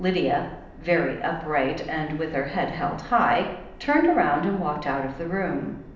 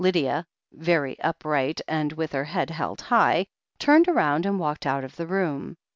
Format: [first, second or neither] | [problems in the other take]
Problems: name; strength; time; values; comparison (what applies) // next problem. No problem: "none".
second | background sound (Subway, metro, underground); 19 dB below the speech // room echo; dies away in 0.8 s